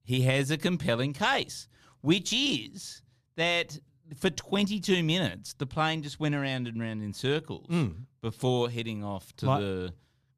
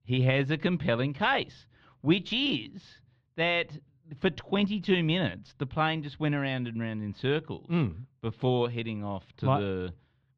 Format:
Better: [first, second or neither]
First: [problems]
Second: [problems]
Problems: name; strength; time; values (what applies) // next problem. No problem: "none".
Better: first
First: none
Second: muffled; slightly; fading above 3.5 kHz